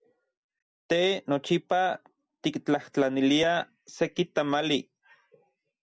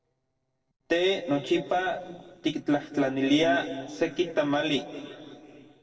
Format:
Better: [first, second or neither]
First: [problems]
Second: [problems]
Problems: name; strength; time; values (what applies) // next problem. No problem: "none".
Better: first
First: none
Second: noise reduction (neural separator model SepFormer DNS4)